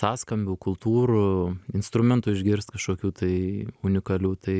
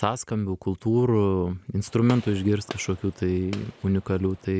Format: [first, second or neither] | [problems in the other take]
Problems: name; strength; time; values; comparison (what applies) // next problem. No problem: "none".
first | background sound (Gunshot, gunfire); 18 dB below the speech